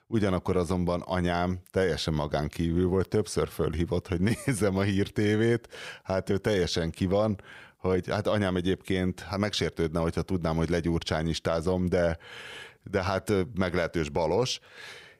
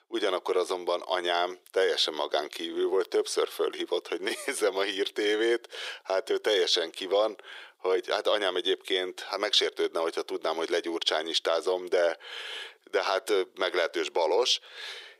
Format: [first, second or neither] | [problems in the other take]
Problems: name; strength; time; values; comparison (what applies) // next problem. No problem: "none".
first | thin; very; fading below 350 Hz